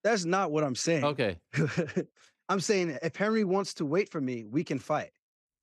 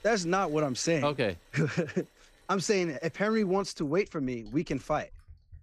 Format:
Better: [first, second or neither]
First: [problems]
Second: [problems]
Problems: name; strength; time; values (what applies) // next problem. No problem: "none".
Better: first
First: none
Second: household noises; faint; throughout; 30 dB below the speech